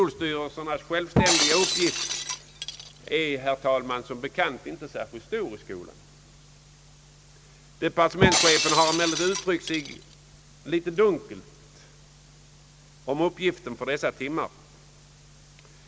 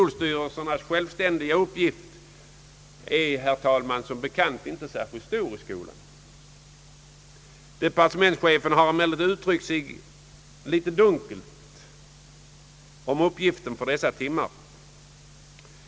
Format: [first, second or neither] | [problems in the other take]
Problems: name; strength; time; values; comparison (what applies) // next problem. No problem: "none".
second | background sound (Shatter); as loud as the speech